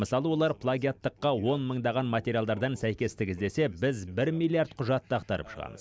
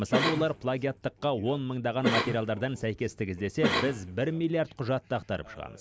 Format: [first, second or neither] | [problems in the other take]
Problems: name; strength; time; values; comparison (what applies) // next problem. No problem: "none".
first | background sound (Cough); 3 dB below the speech